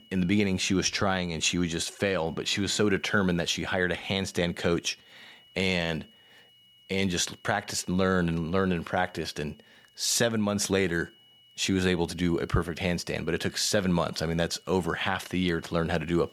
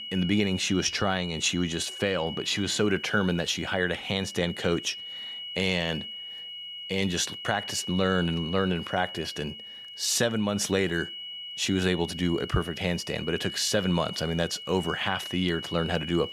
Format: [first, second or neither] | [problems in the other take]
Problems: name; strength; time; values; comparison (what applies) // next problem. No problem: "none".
first | high-pitched whine; loud; throughout; 3 kHz, 9 dB below the speech; faint in the first